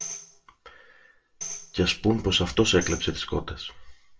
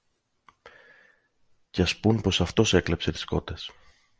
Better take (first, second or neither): second